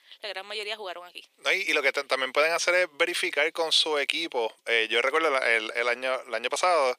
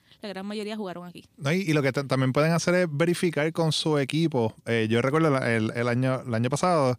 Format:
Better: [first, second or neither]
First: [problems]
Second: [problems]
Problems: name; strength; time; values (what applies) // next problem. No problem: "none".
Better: second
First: thin; very; fading below 450 Hz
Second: none